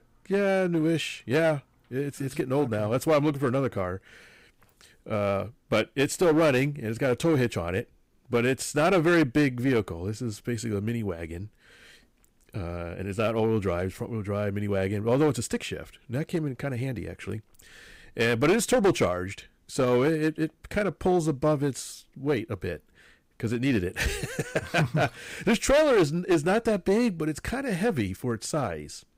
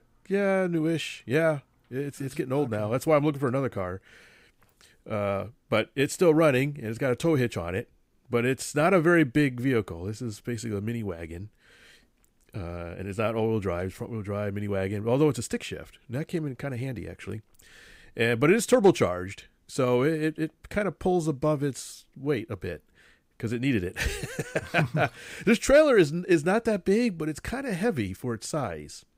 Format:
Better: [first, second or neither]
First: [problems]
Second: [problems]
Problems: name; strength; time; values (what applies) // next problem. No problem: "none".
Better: second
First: distortion; slight; 5% of the sound clipped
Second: none